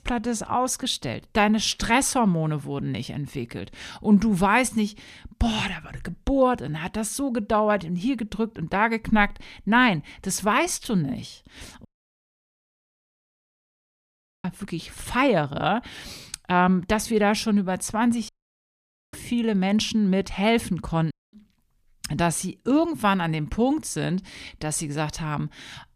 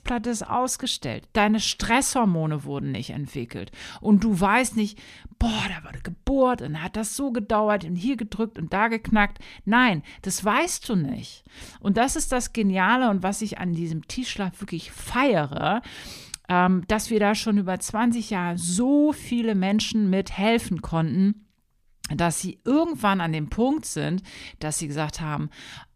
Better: second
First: audio cutting out; at 12 s for 2.5 s, at 18 s for 1 s and at 21 s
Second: none

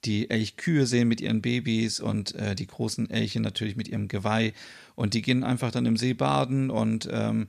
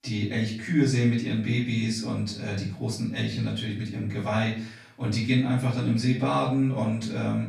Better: first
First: none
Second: room echo; noticeable; dies away in 0.4 s // off-mic speech; far

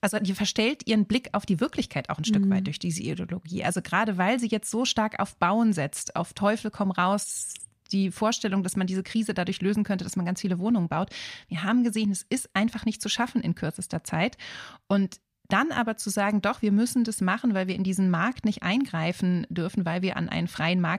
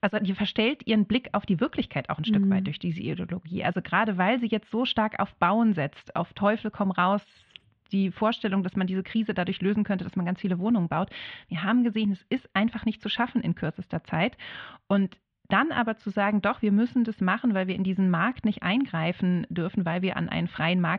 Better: first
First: none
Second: muffled; very; fading above 3.5 kHz

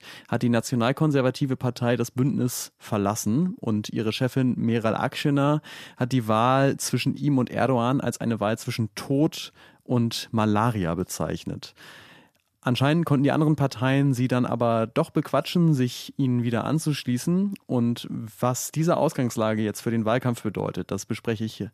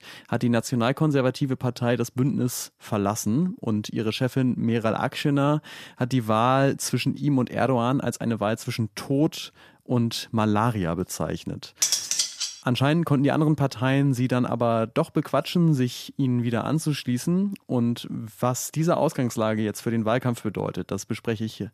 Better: first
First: none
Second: clattering dishes; loud; at 12 s; peak 3 dB above the speech

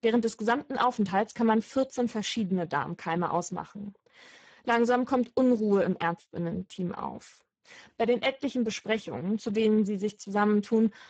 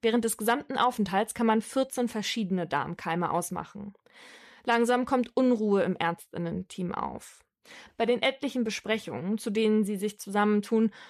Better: second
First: garbled, watery; badly; nothing above 7.5 kHz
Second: none

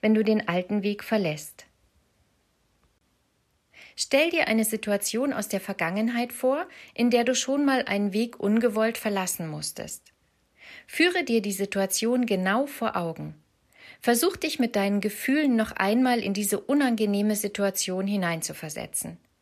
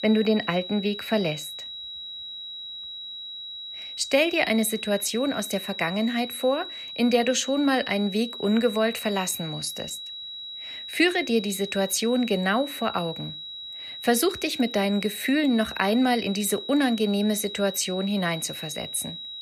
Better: first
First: none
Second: high-pitched whine; loud; throughout; 4 kHz, 10 dB below the speech

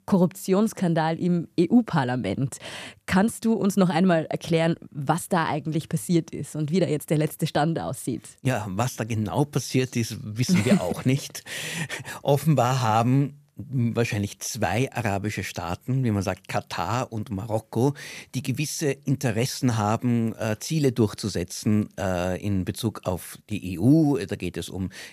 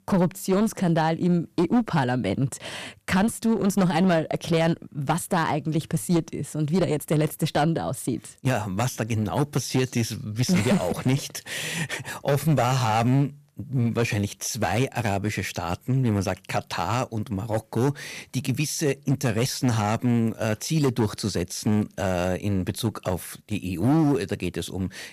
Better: first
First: none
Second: distortion; slight; 9% of the sound clipped

